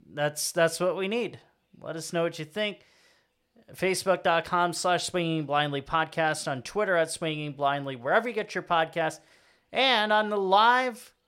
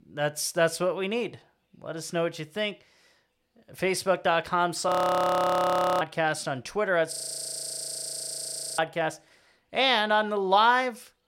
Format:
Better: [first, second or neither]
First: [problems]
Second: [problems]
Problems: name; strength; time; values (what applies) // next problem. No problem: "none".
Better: first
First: none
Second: audio freezing; at 5 s for 1 s and at 7 s for 1.5 s